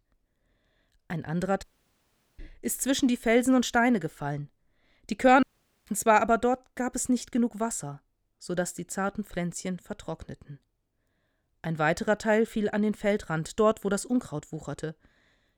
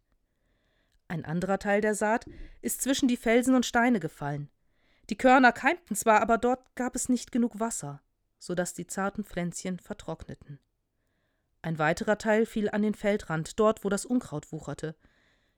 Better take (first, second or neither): second